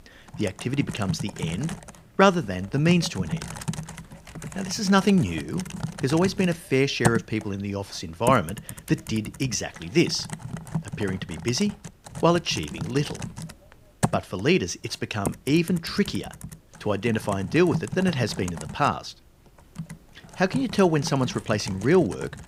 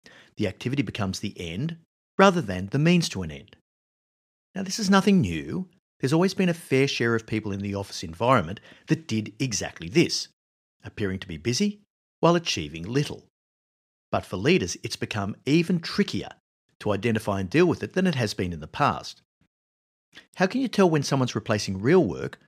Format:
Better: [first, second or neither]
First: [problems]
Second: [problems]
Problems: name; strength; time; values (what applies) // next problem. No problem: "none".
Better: second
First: household noises; loud; throughout; 10 dB below the speech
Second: none